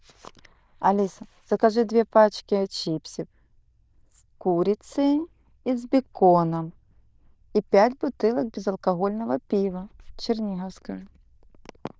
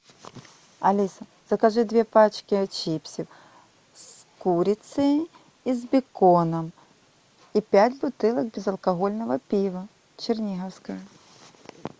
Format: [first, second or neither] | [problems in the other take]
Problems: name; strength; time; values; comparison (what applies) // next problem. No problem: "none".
second | noise reduction (neural diffusion model UNIVERSE++)